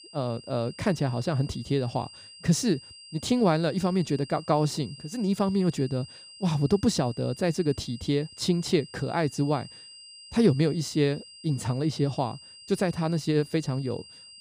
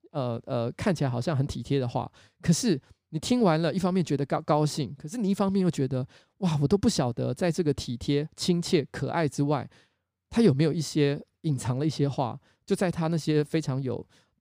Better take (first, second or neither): second